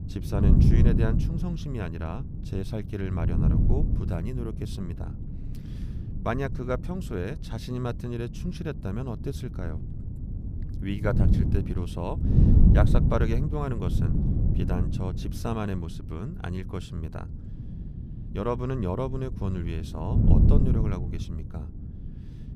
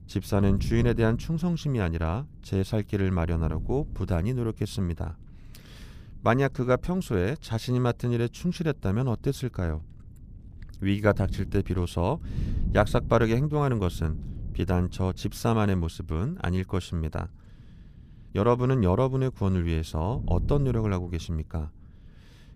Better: second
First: wind noise on the microphone; heavy; 4 dB below the speech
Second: wind noise on the microphone; occasional gusts; 20 dB below the speech

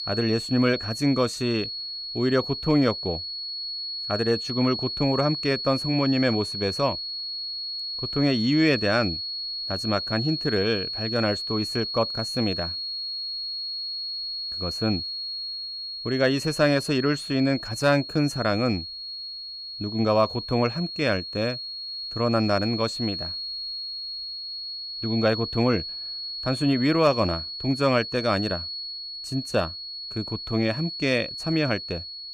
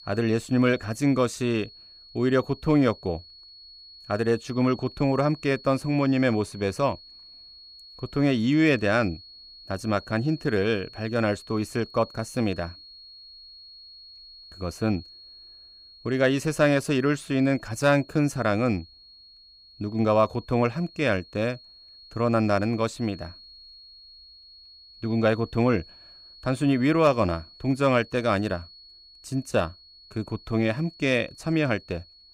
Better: second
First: high-pitched whine; loud; throughout; 4.5 kHz, 5 dB below the speech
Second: high-pitched whine; faint; throughout; 4.5 kHz, 20 dB below the speech

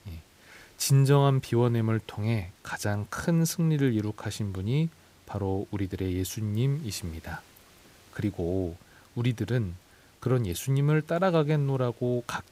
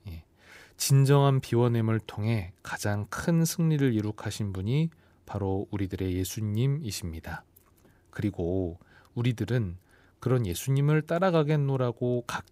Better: second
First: hiss; faint; throughout; 30 dB below the speech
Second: none

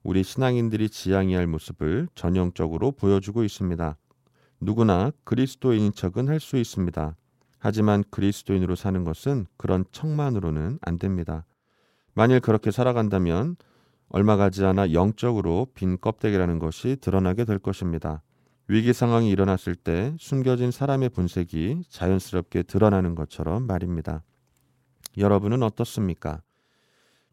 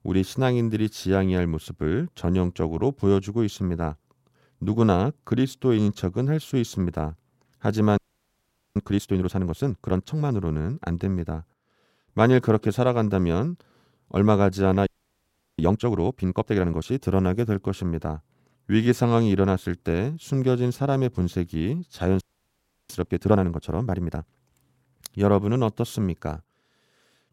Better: first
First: none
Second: audio freezing; at 8 s for 1 s, at 15 s for 0.5 s and at 22 s for 0.5 s

